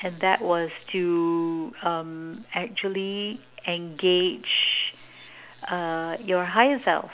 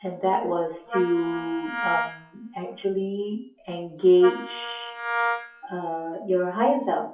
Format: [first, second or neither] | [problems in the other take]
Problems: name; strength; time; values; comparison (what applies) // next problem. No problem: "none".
first | noise reduction (classical method WPE with log-MMSE)